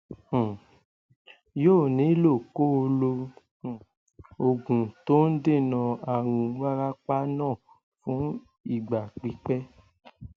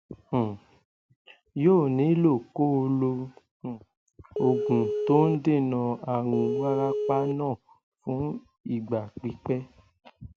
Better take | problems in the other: first | background sound (Telephone); 1 dB below the speech

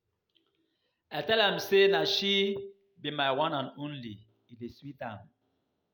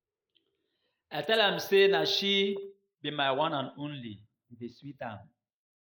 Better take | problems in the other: first | noise reduction (neural mask model Resemble Enhance denoiser)

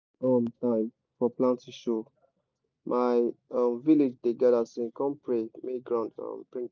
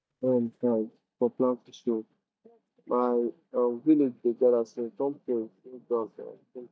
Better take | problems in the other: first | noise reduction (neural mask model DeepFilterNet 3)

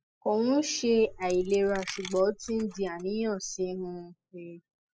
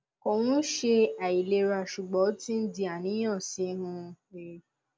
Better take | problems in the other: second | noise reduction (classical method spectral subtraction)

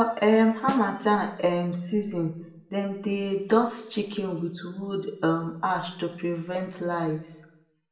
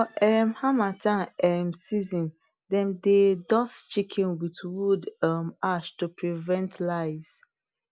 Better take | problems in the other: second | background sound (Snare drum); 12 dB below the speech // room echo; dies away in 0.7 s

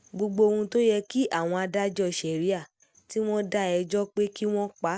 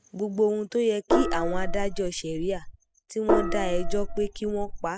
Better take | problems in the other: first | noise reduction (classical method spectral subtraction)

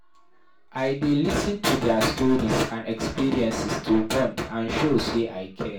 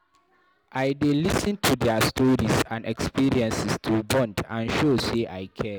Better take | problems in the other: second | room echo; dies away in 0.3 s

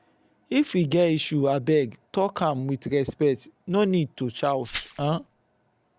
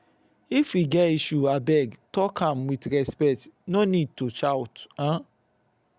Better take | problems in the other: second | background sound (Glass); 15 dB below the speech

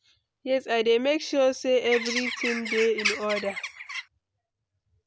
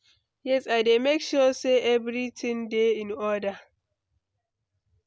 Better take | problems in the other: second | background sound (Bird); 4 dB below the speech

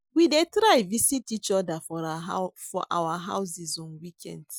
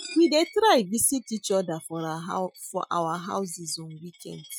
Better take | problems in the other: first | noise reduction (classical method Wiener filter)

